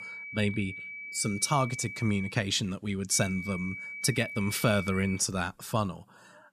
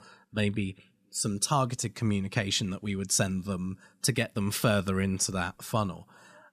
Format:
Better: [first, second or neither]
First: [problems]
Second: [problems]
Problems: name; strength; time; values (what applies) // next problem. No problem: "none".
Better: second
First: high-pitched whine; loud; until 2.5 s and from 3 to 5 s; 2.5 kHz, 9 dB below the speech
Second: none